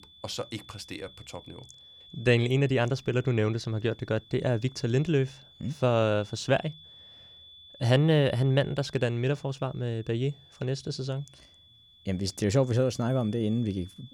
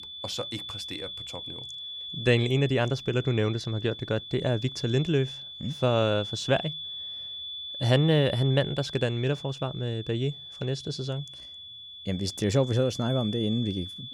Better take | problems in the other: first | high-pitched whine; loud; throughout; 3.5 kHz, 9 dB below the speech; faint in the first

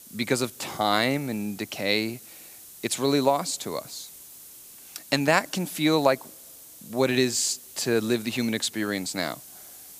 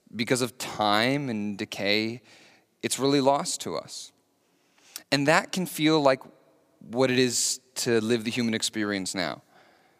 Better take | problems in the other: second | hiss; noticeable; throughout; 20 dB below the speech

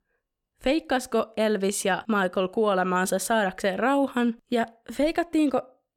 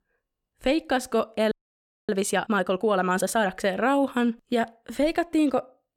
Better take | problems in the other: first | audio freezing; at 1.5 s for 0.5 s

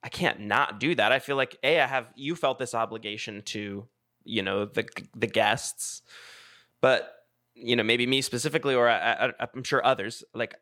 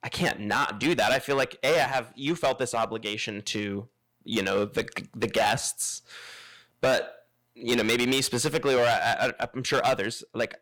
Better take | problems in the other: first | distortion; heavy; 8% of the sound clipped

